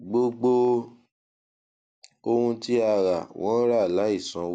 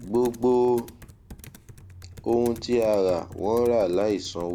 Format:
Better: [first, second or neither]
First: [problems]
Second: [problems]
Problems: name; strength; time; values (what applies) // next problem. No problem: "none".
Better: first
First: none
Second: background sound (Computer keyboard); 18 dB below the speech